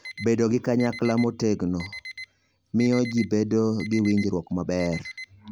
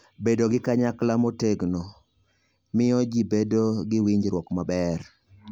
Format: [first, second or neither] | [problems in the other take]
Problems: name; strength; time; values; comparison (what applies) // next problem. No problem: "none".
second | background sound (Alarm); 17 dB below the speech